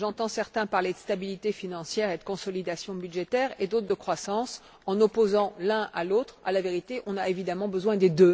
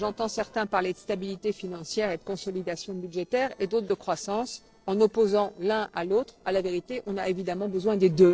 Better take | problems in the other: first | noise reduction (neural separator model SepFormer DNS4)

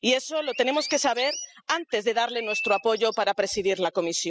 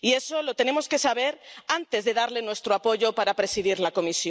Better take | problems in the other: second | noise reduction (classical method spectral subtraction)

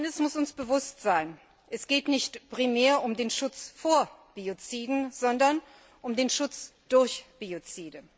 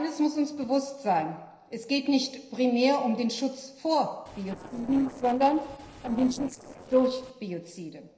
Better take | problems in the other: first | noise reduction (neural separator model SepFormer DNS4)

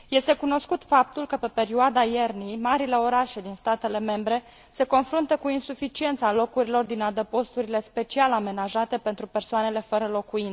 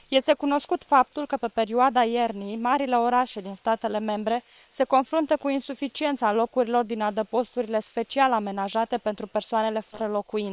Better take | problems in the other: first | noise reduction (neural separator model SepFormer WHAM!)

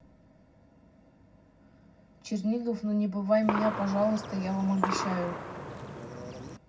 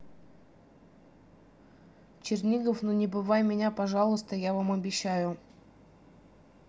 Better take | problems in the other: second | background sound (Gunshot, gunfire); 4 dB below the speech // room echo; dies away in 0.4 s

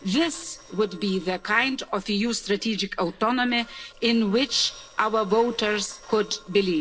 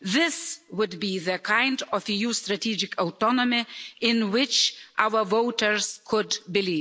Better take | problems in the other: second | noise reduction (neural separator model SepFormer DNS4)

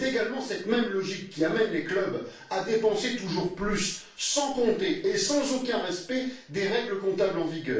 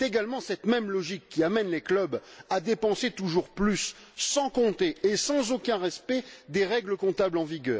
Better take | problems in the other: second | room echo; dies away in 0.3 s

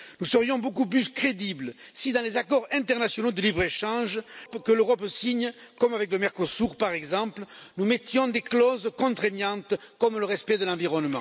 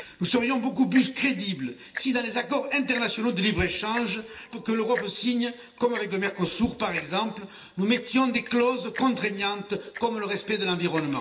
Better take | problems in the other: first | background sound (Tick-tock); 17 dB below the speech // room echo; dies away in 0.8 s

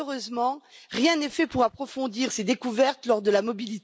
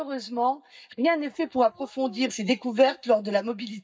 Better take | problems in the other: first | noise reduction (neural mask model DeepFilterNet 3)

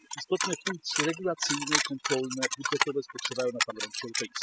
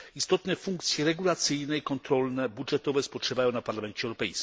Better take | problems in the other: second | noise reduction (classical method spectral subtraction)

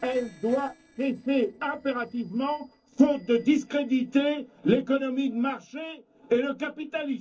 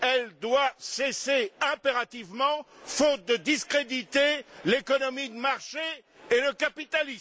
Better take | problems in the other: second | noise reduction (neural separator model SepFormer DNS4)

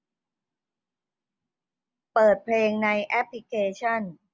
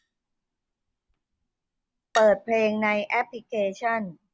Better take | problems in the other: first | background sound (Chink, clink); 19 dB below the speech

